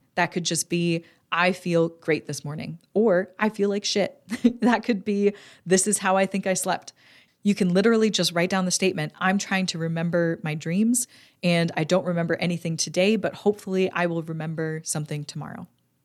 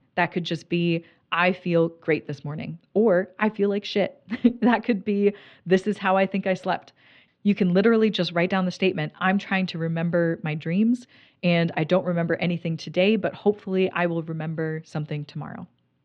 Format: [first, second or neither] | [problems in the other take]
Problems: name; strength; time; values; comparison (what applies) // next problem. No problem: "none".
first | muffled; slightly; fading above 3.5 kHz